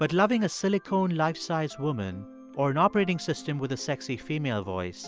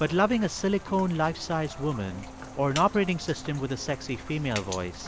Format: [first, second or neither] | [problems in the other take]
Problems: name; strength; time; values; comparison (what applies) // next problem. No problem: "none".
first | background sound (Rain); 14 dB below the speech